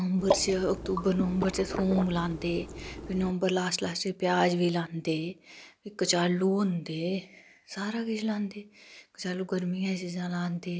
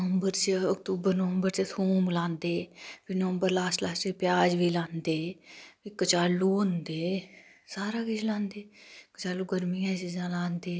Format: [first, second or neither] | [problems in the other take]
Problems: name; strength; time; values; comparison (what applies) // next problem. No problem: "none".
second | background sound (Water / Liquid); 5 dB below the speech